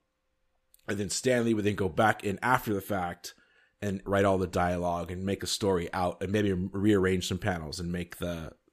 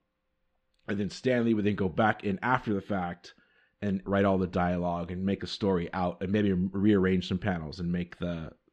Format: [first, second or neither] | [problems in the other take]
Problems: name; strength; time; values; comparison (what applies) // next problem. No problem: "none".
first | muffled; very slightly; fading above 4 kHz